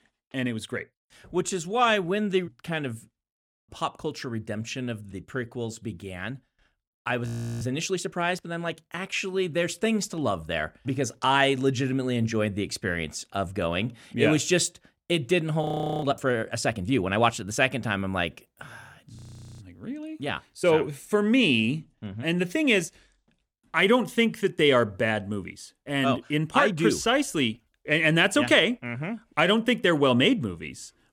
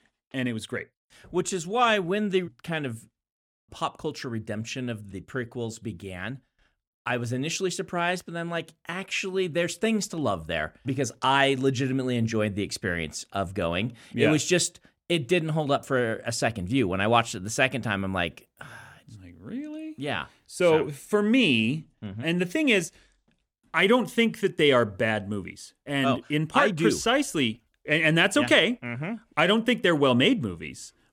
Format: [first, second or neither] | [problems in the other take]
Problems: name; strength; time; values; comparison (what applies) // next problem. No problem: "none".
second | audio freezing; at 7.5 s, at 16 s and at 19 s